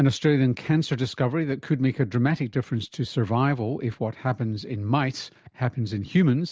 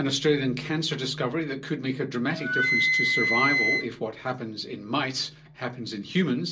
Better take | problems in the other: first | background sound (Wind instrument, woodwind instrument); 1 dB above the speech // room echo; dies away in 0.2 s

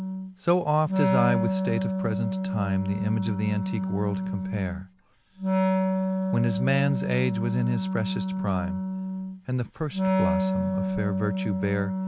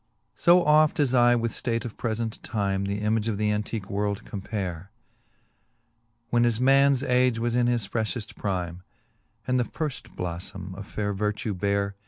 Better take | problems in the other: second | background sound (Wind instrument, woodwind instrument); 1 dB above the speech

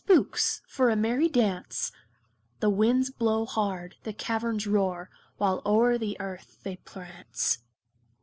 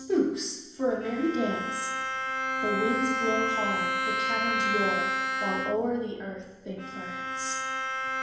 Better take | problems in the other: first | background sound (Bowed string instrument); 1 dB above the speech // room echo; dies away in 0.9 s

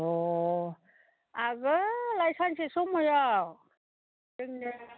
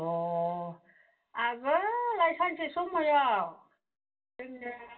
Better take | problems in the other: first | room echo; dies away in 0.2 s

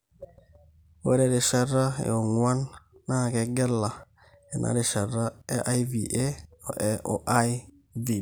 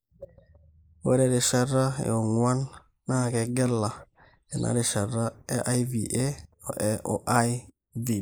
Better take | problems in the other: first | noise reduction (neural mask model Resemble Enhance denoiser)

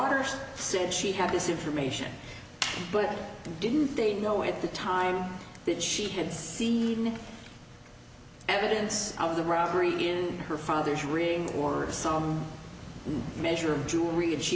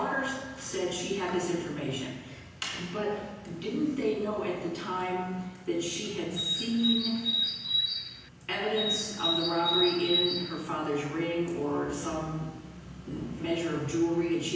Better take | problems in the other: first | background sound (Bird); 1 dB above the speech // room echo; dies away in 0.9 s

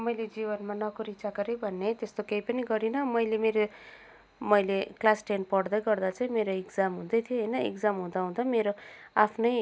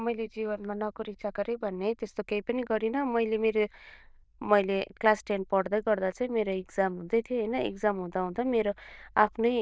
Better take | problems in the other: first | noise reduction (neural diffusion model UNIVERSE++)

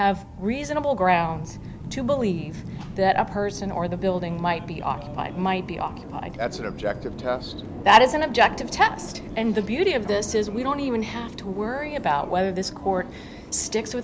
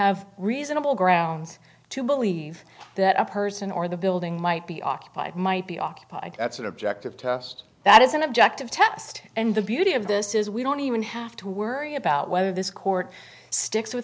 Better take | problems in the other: second | background sound (Subway, metro, underground); 11 dB below the speech

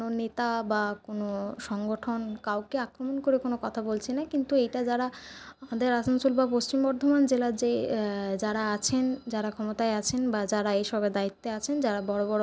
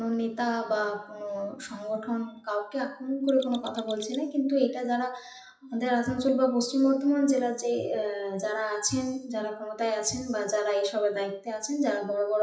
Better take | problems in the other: first | noise reduction (classical method WPE with log-MMSE)

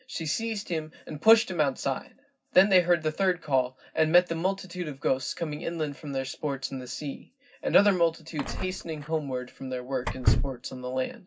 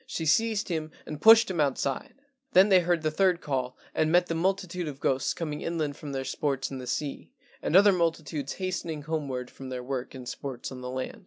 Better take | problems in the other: second | background sound (Door / Car); 3 dB below the speech // room echo; dies away in 0.4 s

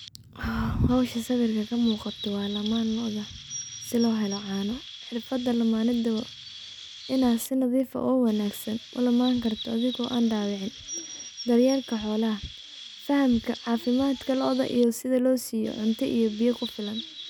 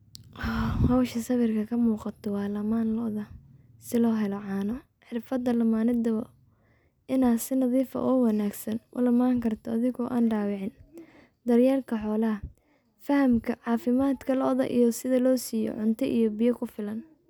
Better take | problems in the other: second | background sound (Chirp, tweet); 15 dB below the speech

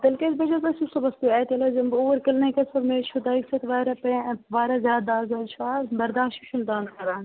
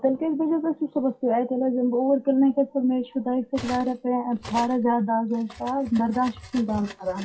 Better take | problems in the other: first | noise reduction (classical method WPE with log-MMSE)

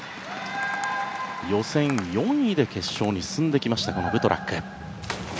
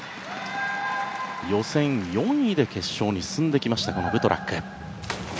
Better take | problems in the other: second | background sound (Tap); 18 dB below the speech

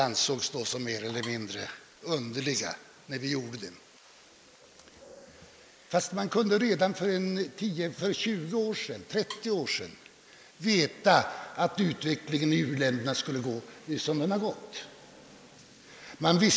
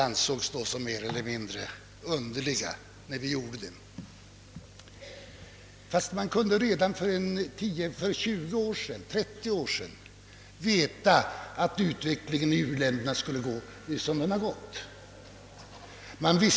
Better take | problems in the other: second | noise reduction (neural mask model Resemble Enhance denoiser)

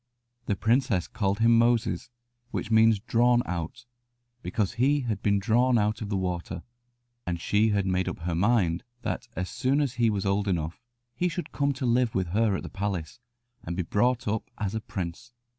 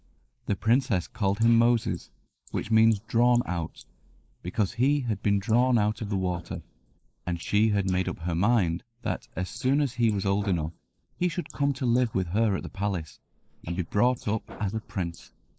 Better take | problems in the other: first | noise reduction (neural mask model Resemble Enhance denoiser)

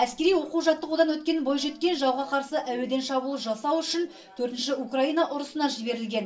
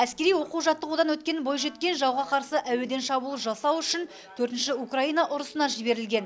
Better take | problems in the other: second | room echo; dies away in 0.2 s

